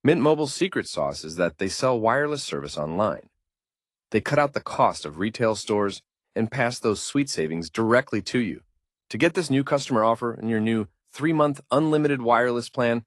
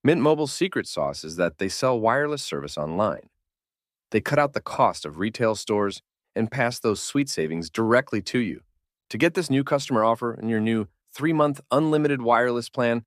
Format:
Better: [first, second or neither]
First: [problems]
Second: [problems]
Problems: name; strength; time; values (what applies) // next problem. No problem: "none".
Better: second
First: garbled, watery; slightly; nothing above 11 kHz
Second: none